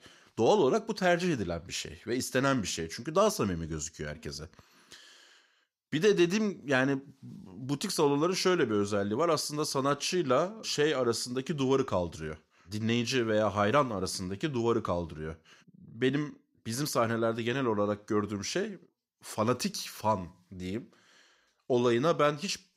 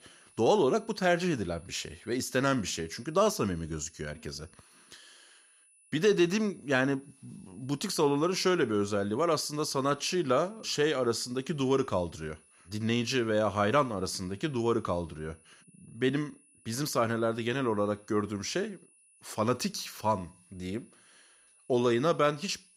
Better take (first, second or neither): first